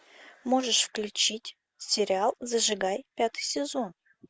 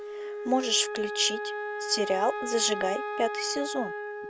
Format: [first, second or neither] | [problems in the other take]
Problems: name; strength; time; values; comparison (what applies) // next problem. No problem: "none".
first | background sound (Wind instrument, woodwind instrument); 4 dB below the speech